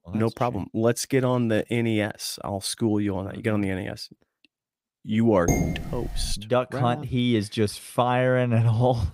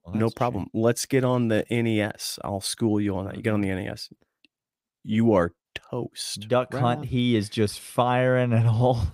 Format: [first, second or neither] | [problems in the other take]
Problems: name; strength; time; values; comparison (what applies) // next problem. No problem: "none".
second | clattering dishes; loud; at 5.5 s; peak level with the speech